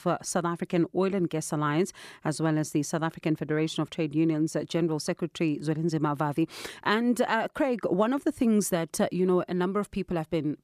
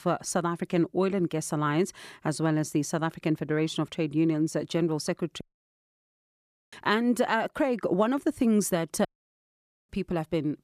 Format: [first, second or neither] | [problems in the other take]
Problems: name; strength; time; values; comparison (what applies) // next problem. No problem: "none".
first | audio cutting out; at 5.5 s for 1.5 s and at 9 s for 1 s